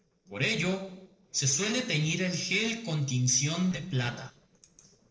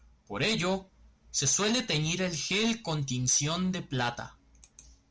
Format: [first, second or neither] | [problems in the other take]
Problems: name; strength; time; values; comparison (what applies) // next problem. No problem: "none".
second | noise reduction (neural separator model SepFormer DNS4)